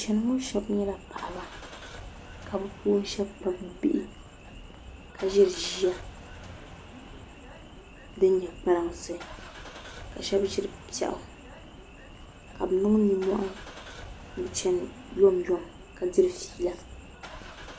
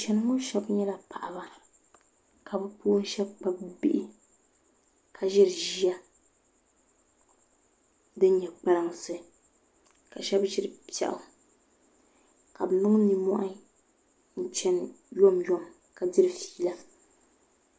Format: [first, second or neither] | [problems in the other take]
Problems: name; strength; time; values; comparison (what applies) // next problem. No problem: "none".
second | background sound (Engine starting / Car); 15 dB below the speech